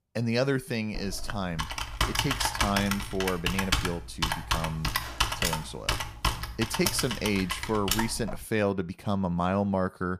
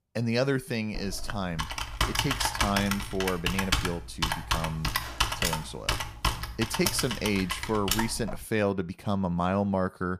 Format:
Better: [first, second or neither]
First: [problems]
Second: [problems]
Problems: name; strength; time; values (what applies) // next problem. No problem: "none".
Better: neither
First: keyboard typing; loud; from 1 to 8.5 s; peak 4 dB above the speech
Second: keyboard typing; loud; from 1 to 8.5 s; peak 4 dB above the speech